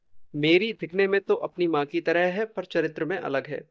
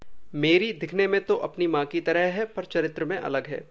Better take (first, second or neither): second